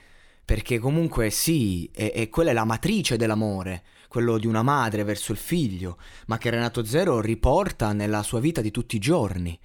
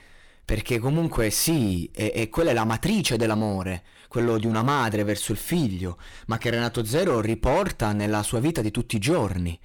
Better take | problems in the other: first | distortion; slight; 9% of the sound clipped

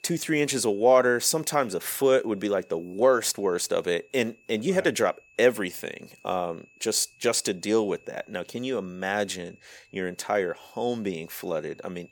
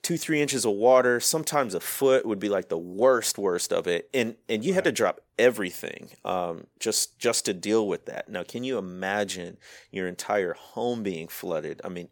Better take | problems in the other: second | high-pitched whine; faint; throughout; 2.5 kHz, 30 dB below the speech

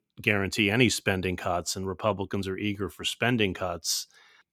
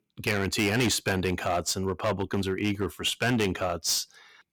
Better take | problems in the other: first | distortion; heavy; 8% of the sound clipped

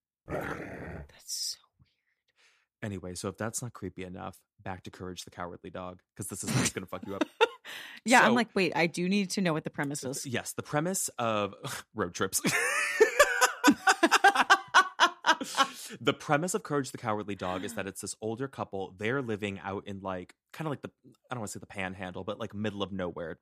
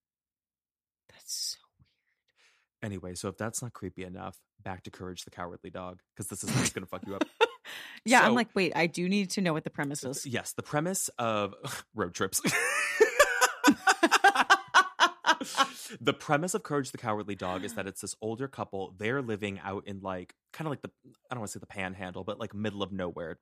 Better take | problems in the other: second | dog barking; noticeable; at 0.5 s; peak 7 dB below the speech

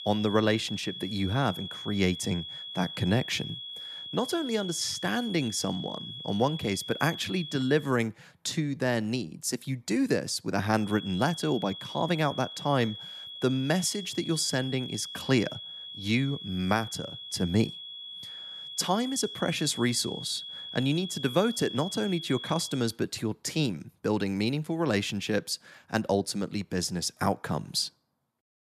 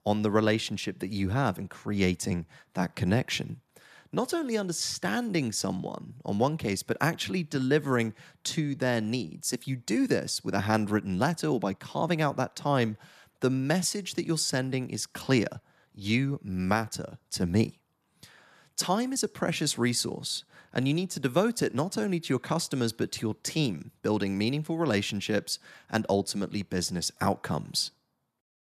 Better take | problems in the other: second | high-pitched whine; loud; until 8 s and from 11 to 23 s; 3.5 kHz, 9 dB below the speech

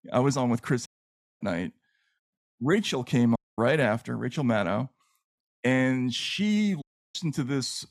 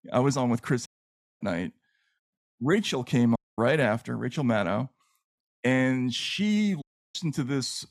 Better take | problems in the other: neither | audio cutting out; at 1 s for 0.5 s, at 3.5 s and at 7 s; the same in both

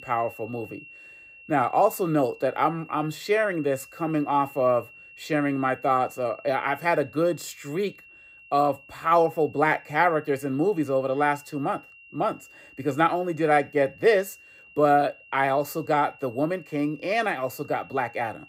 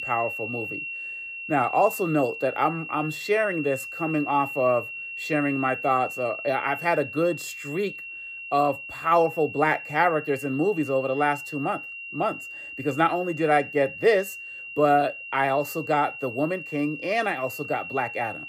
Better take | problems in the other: first | high-pitched whine; loud; throughout; 2.5 kHz, 9 dB below the speech; faint in the first

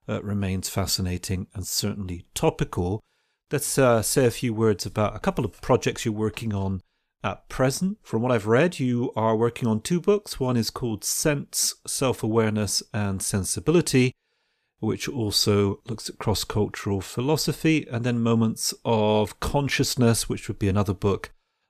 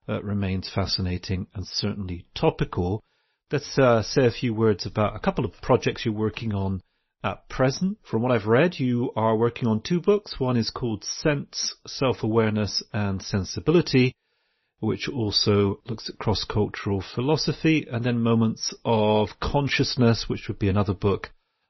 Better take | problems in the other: first | garbled, watery; slightly; nothing above 6 kHz

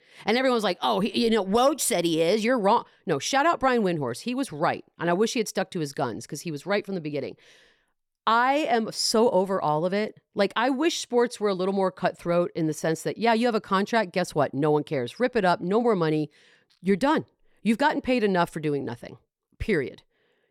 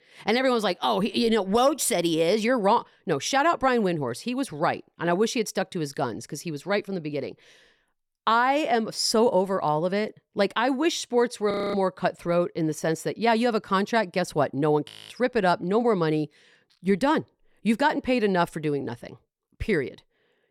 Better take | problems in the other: first | audio freezing; at 12 s and at 15 s

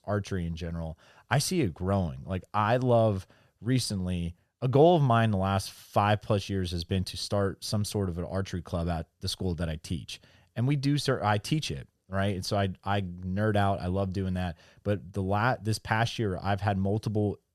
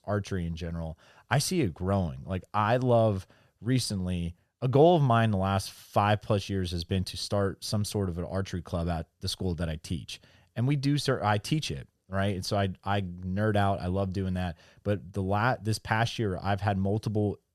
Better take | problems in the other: neither | none

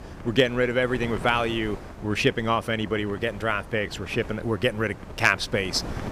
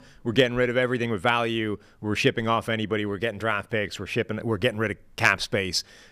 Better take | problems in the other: second | wind noise on the microphone; occasional gusts; 15 dB below the speech

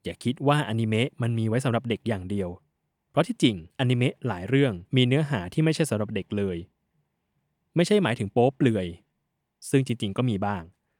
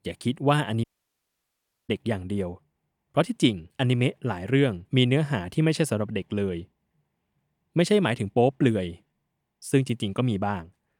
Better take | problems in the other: first | audio cutting out; at 1 s for 1 s

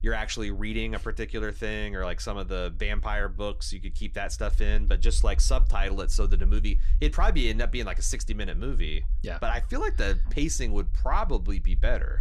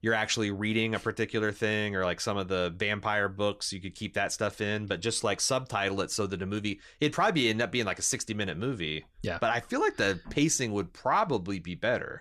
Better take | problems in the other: second | low rumble; faint; throughout; 25 dB below the speech

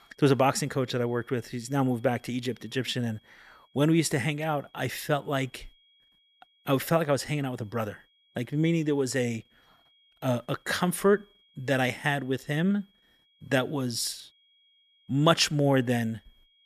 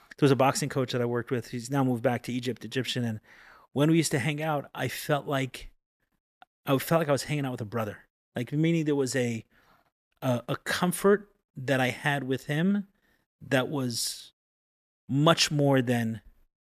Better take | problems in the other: second | high-pitched whine; faint; throughout; 3.5 kHz, 35 dB below the speech

